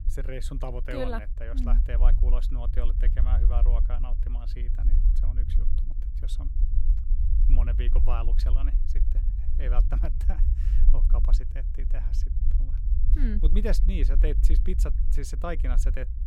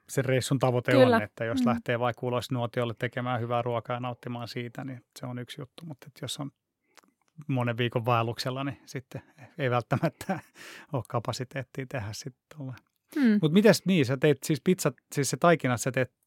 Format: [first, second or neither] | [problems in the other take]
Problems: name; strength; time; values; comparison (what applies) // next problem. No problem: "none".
second | low rumble; loud; throughout; 10 dB below the speech